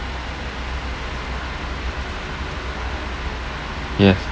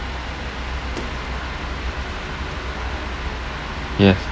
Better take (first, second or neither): first